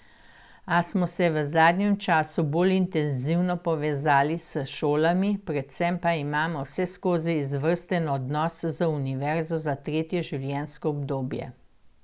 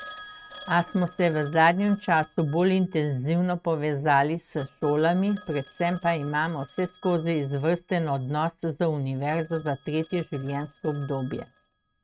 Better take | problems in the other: first | noise reduction (neural mask model RNNoise)

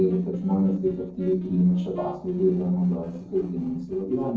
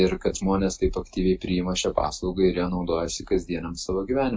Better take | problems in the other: second | noise reduction (neural separator model SepFormer DNS4)

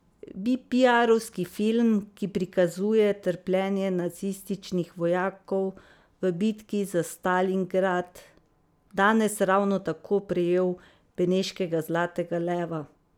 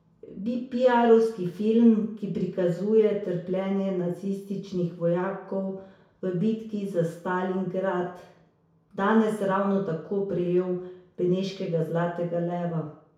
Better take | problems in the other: first | room echo; dies away in 0.6 s

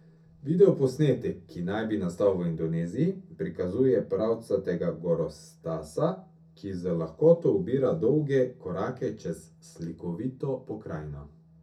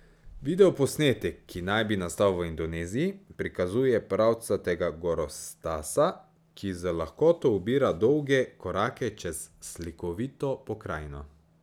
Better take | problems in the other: second | room echo; dies away in 0.3 s

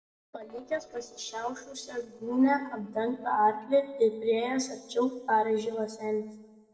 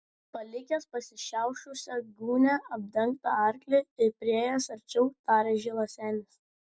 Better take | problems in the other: second | noise reduction (neural separator model SepFormer DNS4)

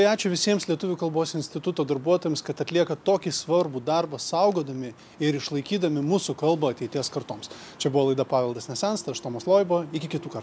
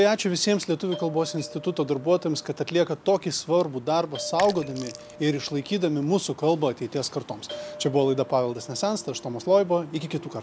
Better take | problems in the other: first | background sound (Doorbell + Sink (filling or washing)); 17 dB below the speech

